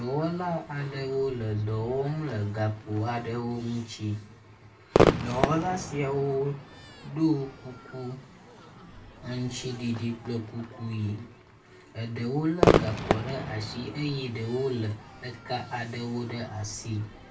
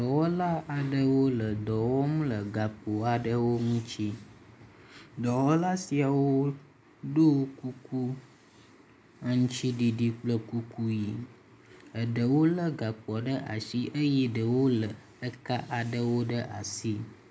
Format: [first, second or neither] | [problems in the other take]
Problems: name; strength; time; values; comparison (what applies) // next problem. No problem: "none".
second | background sound (Crowd / Fireworks); 1 dB below the speech // room echo; dies away in 0.2 s